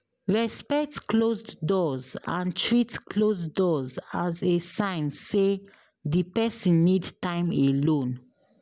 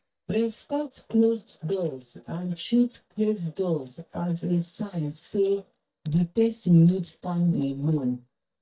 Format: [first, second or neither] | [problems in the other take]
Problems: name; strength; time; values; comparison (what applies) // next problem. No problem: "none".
first | noise reduction (neural mask model DeepFilterNet 3)